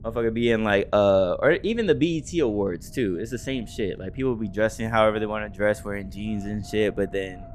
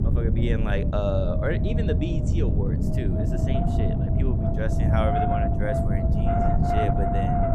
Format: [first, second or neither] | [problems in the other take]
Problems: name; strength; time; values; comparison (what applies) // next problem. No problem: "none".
first | wind noise on the microphone; heavy; 3 dB above the speech; occasional gusts in the first